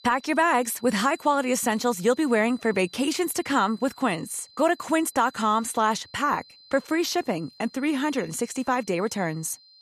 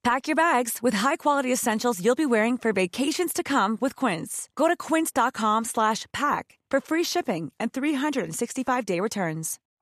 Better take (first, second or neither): second